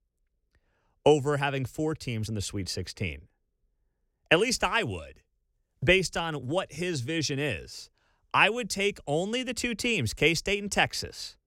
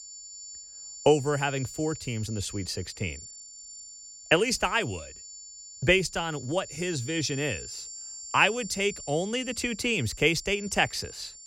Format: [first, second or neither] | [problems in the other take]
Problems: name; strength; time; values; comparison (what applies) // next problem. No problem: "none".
first | high-pitched whine; noticeable; throughout; 7 kHz, 15 dB below the speech